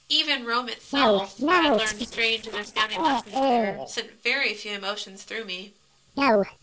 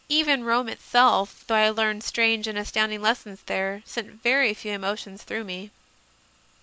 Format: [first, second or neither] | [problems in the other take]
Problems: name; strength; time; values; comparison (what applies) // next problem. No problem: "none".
second | noise reduction (neural separator model SepFormer DNS4)